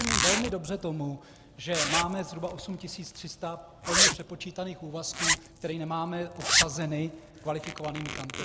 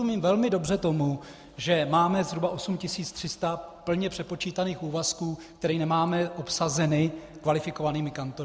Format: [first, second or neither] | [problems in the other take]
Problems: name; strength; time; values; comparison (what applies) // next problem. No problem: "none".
second | background sound (Zipper (clothing)); 3 dB above the speech